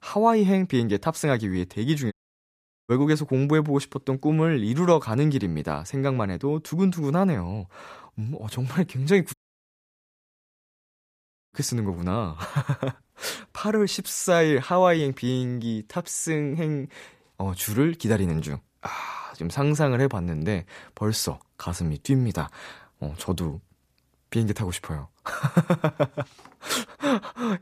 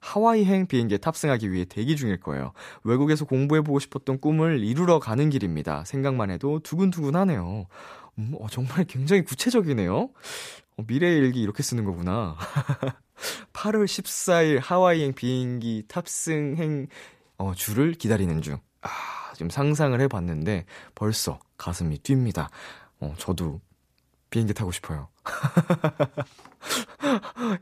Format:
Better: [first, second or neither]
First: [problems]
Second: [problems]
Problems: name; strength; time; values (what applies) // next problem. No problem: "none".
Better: second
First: audio cutting out; at 2 s for 1 s and at 9.5 s for 2 s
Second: none